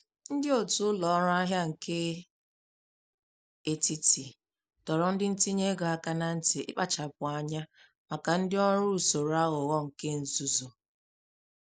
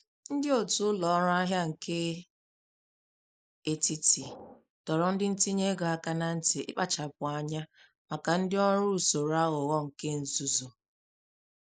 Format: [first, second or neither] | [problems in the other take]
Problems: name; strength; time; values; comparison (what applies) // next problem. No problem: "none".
first | noise reduction (neural mask model Resemble Enhance denoiser)